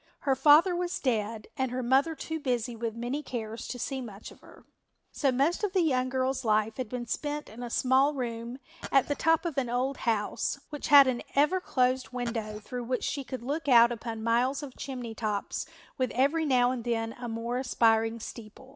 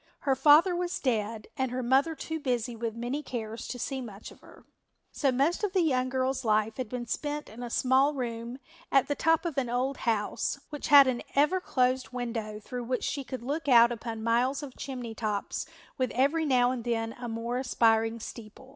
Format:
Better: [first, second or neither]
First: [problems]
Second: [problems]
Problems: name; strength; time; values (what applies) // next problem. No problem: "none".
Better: second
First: background sound (Glass); 14 dB below the speech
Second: none